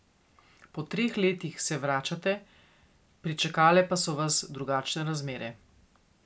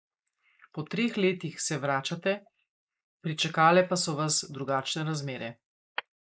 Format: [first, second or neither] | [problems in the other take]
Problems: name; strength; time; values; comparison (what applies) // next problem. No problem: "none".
first | noise reduction (neural mask model Resemble Enhance denoiser)